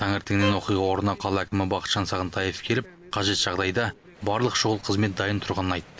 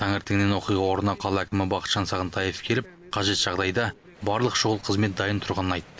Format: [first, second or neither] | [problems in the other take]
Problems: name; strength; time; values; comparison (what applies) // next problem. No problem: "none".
second | background sound (Bowed string instrument); 10 dB below the speech